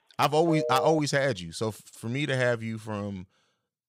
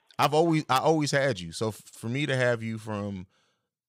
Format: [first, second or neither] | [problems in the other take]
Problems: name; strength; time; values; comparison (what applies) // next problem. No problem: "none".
second | phone ringing; noticeable; at 0.5 s; peak 3 dB below the speech